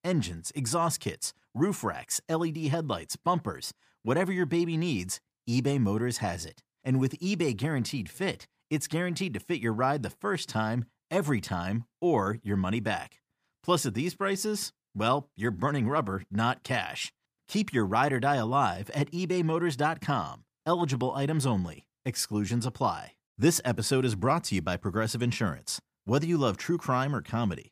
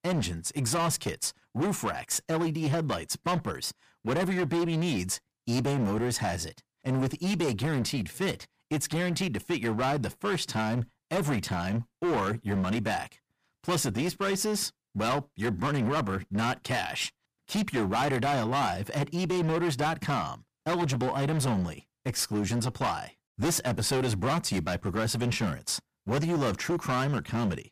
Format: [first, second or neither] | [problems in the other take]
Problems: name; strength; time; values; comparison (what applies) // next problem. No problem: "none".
first | distortion; heavy; 18% of the sound clipped